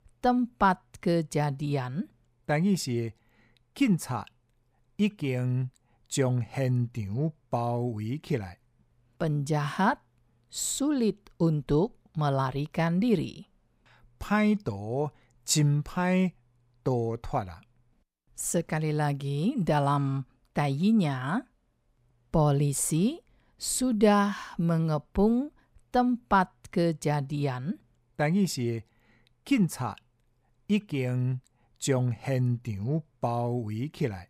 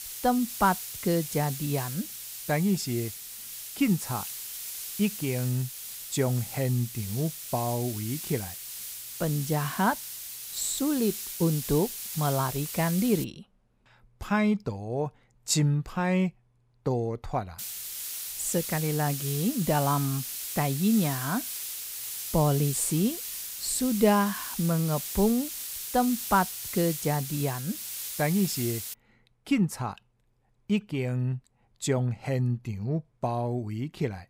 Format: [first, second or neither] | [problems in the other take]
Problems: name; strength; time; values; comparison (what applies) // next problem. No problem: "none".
first | hiss; loud; until 13 s and from 18 to 29 s; 6 dB below the speech